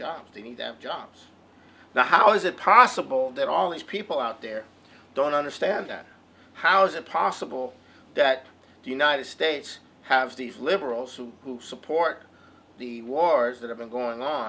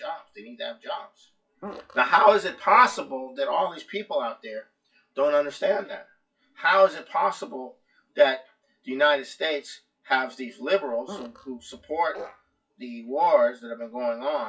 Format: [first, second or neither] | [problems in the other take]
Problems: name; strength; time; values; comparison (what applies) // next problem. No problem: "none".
first | noise reduction (classical method WPE with log-MMSE)